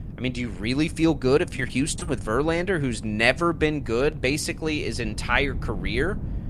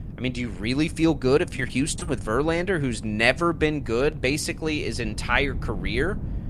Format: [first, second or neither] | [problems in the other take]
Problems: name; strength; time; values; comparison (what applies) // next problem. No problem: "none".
neither | wind noise on the microphone; occasional gusts; 20 dB below the speech; the same in both